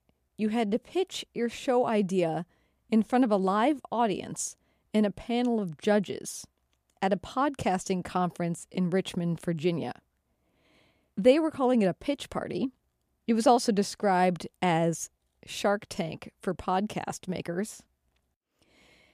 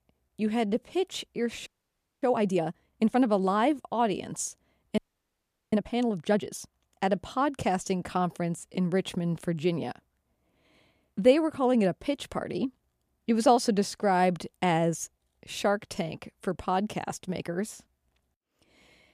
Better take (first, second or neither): first